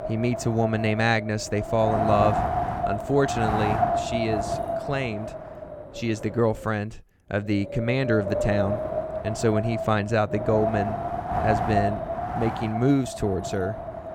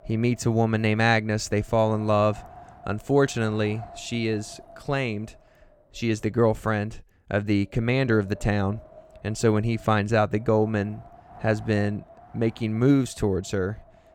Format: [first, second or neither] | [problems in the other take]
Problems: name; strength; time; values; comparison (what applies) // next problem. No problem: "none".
second | wind noise on the microphone; heavy; as loud as the speech; occasional gusts in the second